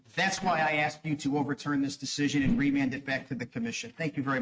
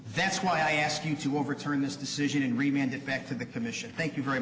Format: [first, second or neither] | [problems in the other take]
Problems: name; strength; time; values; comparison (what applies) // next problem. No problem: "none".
second | noise reduction (neural mask model RNNoise)